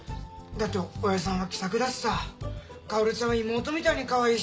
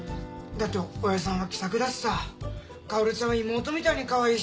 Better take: first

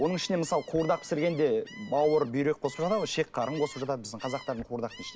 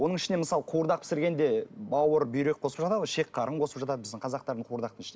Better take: second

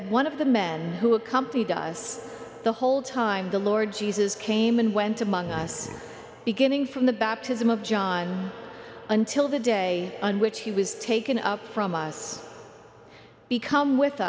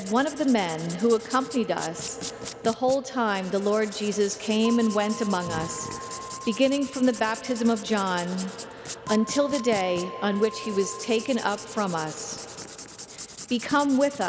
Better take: first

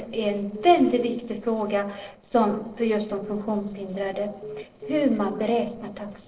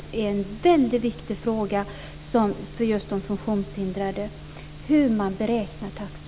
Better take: second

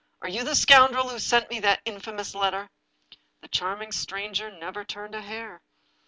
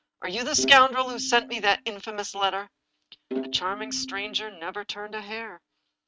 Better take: first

